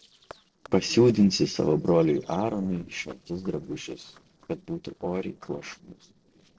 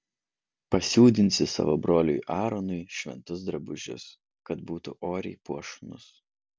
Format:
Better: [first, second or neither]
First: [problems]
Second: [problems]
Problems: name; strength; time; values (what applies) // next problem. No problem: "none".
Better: second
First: noise reduction (neural separator model SepFormer DNS4)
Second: none